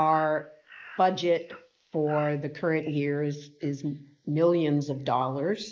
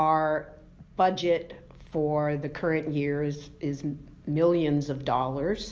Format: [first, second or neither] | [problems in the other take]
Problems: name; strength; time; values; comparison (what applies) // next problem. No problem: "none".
second | noise reduction (neural mask model Resemble Enhance denoiser)